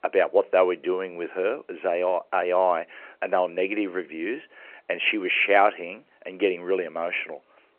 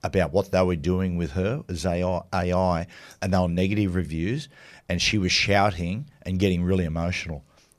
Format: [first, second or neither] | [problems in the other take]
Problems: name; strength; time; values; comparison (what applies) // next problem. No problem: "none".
second | phone-call audio; nothing above 3 kHz